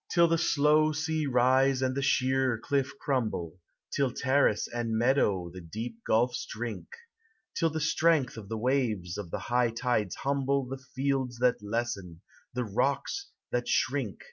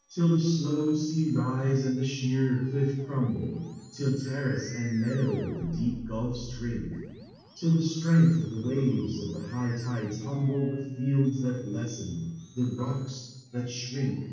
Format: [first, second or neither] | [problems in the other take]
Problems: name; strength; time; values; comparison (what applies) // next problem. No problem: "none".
first | noise reduction (neural separator model SepFormer DNS4)